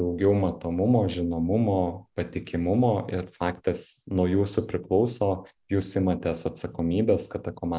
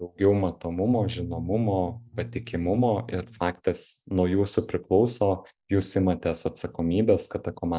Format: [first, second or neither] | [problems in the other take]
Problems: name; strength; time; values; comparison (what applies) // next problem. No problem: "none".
first | noise reduction (neural mask model DeepFilterNet 3)